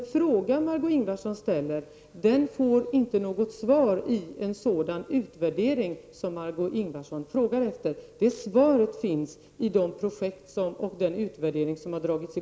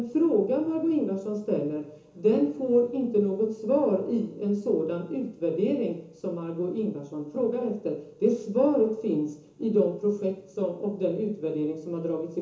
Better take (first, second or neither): first